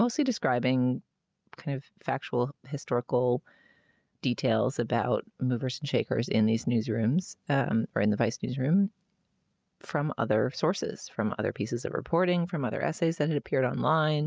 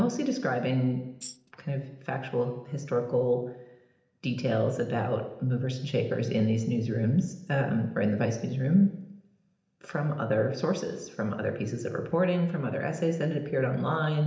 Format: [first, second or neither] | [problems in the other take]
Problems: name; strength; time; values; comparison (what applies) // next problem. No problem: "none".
first | background sound (Tambourine); 15 dB below the speech // room echo; dies away in 0.8 s